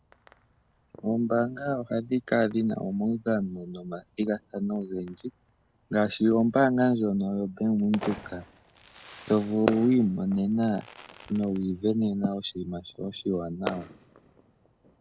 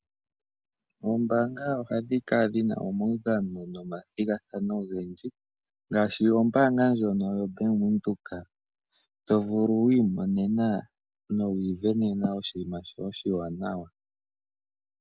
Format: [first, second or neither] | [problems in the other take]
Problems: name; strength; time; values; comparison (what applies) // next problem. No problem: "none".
second | background sound (Fireworks); 16 dB below the speech